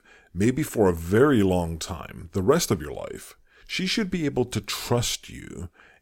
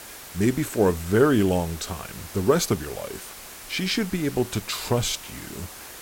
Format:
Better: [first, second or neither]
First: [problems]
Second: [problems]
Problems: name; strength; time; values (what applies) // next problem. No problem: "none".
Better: first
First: none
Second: hiss; noticeable; throughout; 15 dB below the speech